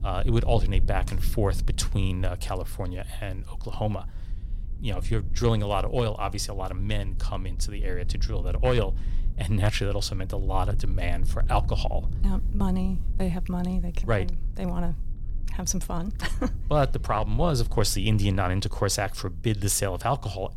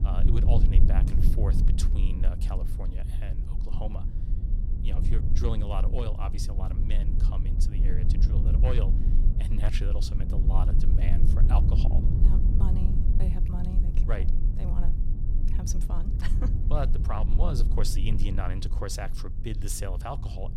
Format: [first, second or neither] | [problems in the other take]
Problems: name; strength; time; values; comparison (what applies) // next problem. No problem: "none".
first | low rumble; loud; throughout; 4 dB below the speech; faint in the first